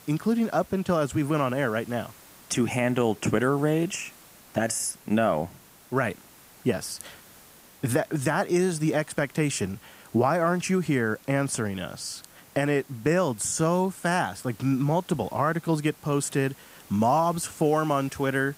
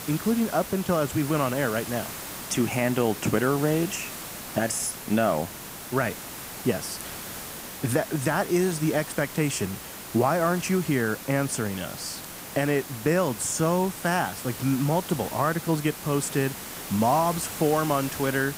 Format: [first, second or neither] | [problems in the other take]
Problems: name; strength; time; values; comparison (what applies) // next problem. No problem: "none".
first | hiss; loud; throughout; 10 dB below the speech; faint in the first